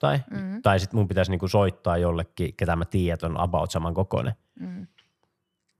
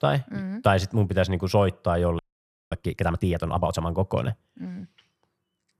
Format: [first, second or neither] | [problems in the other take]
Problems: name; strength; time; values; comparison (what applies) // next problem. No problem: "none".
first | audio freezing; at 2 s for 0.5 s